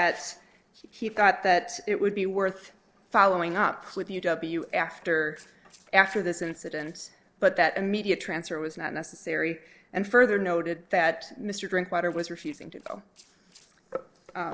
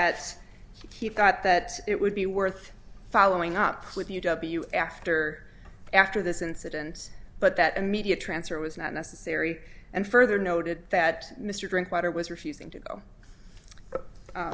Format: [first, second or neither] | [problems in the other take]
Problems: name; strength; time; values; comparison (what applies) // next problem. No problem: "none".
second | noise reduction (neural separator model SepFormer DNS4)